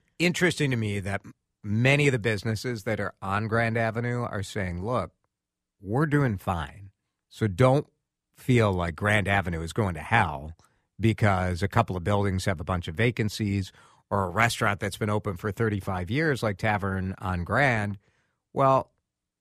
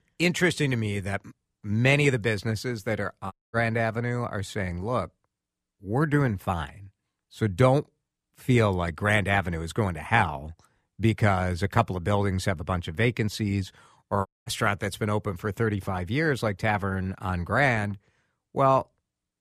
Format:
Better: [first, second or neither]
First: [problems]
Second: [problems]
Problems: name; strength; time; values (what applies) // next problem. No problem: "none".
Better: first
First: none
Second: audio cutting out; at 3.5 s and at 14 s